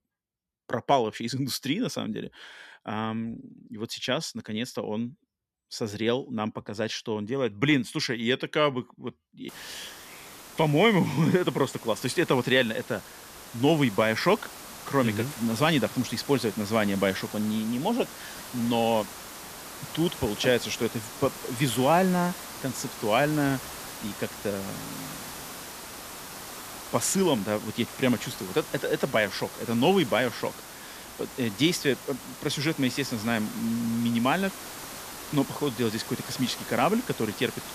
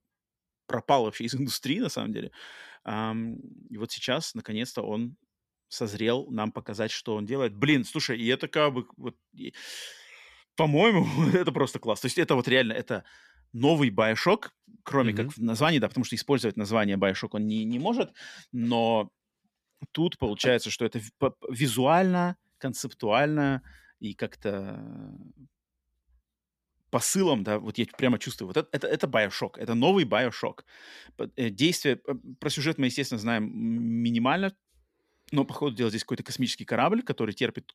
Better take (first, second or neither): second